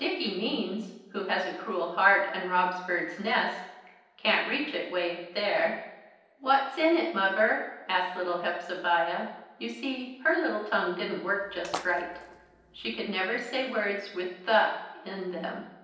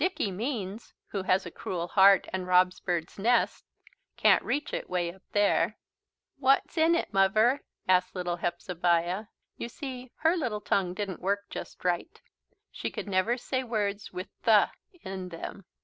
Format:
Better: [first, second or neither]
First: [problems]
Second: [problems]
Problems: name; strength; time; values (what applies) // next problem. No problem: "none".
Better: second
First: noise reduction (neural separator model SepFormer DNS4)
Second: none